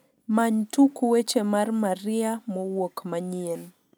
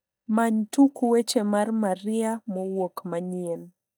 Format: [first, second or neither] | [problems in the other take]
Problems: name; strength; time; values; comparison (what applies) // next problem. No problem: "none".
first | noise reduction (neural mask model DeepFilterNet 3)